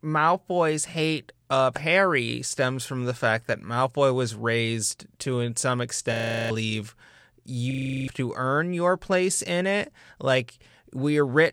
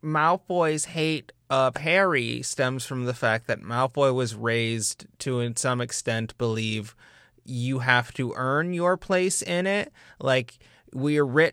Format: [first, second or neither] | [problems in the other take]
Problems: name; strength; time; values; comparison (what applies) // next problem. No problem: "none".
second | audio freezing; at 6 s and at 7.5 s